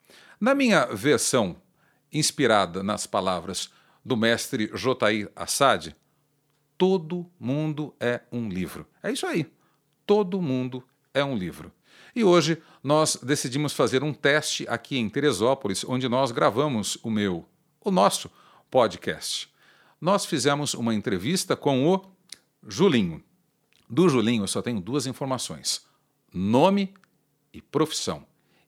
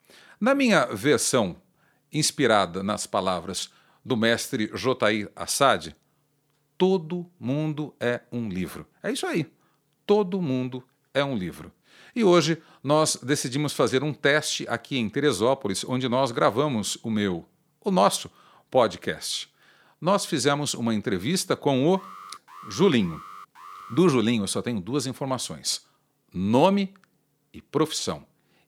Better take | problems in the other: first | alarm; faint; from 22 to 24 s; peak 15 dB below the speech

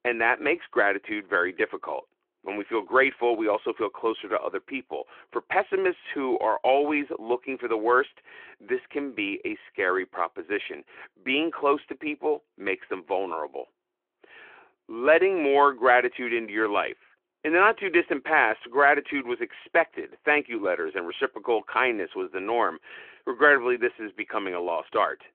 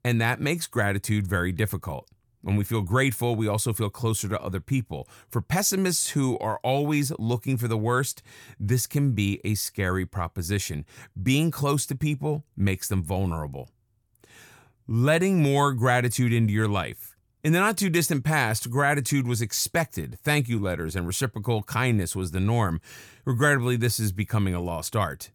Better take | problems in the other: second | phone-call audio

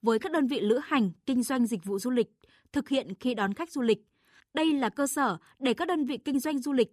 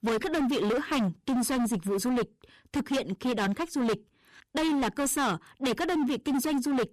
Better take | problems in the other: first | distortion; heavy; 28% of the sound clipped

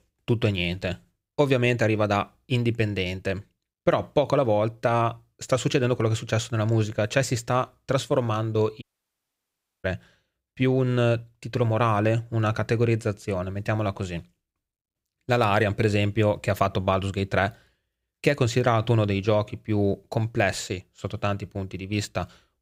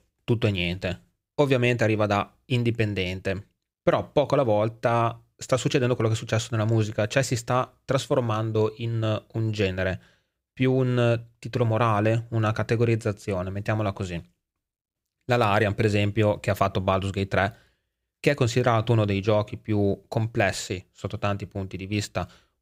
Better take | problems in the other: second | audio cutting out; at 9 s for 1 s

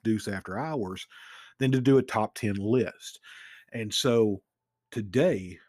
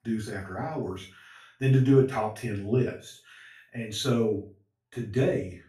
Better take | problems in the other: first | off-mic speech; far // room echo; slight; dies away in 0.3 s

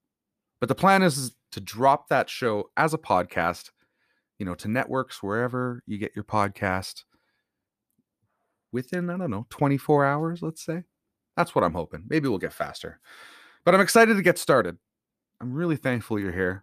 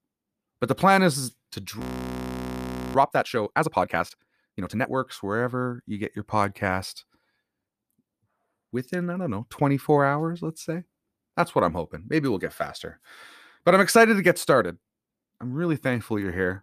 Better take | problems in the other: first | audio freezing; at 2 s for 1 s

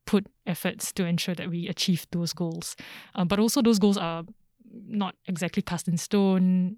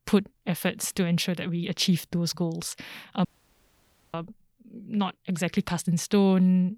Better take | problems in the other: first | audio cutting out; at 3.5 s for 1 s

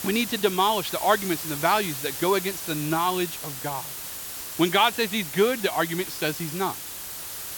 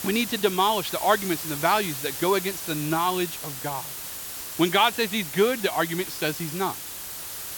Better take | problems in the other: neither | hiss; loud; throughout; 7 dB below the speech; the same in both

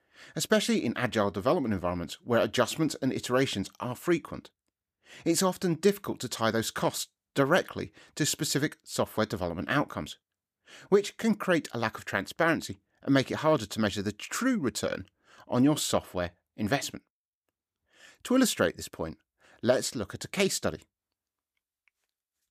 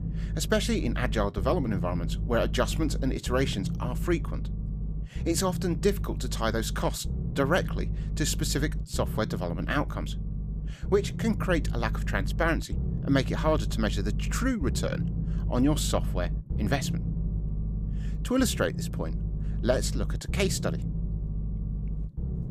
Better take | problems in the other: first | low rumble; noticeable; throughout; 15 dB below the speech

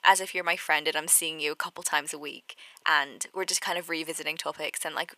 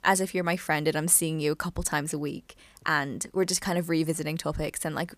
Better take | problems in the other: second | thin; very; fading below 550 Hz

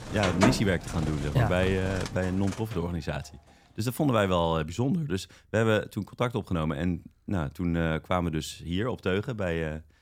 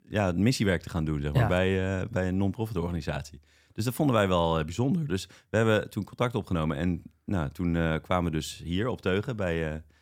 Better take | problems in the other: second | animal sounds; loud; throughout; 5 dB below the speech

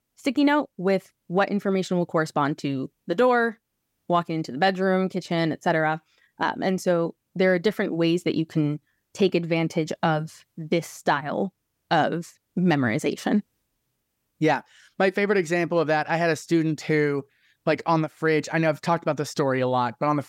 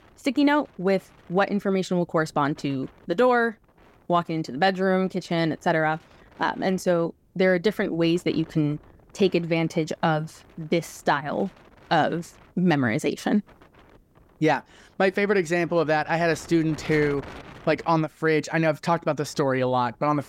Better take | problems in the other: first | wind noise on the microphone; occasional gusts; 25 dB below the speech

